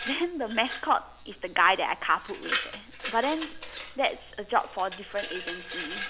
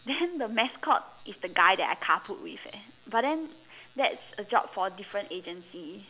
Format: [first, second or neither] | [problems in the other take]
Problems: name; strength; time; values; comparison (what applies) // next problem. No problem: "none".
second | background sound (Glass); 9 dB below the speech